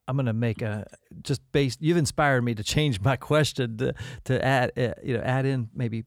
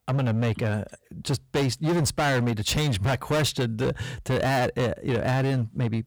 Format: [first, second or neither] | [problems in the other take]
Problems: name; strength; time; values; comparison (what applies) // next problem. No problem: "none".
first | distortion; heavy; 21% of the sound clipped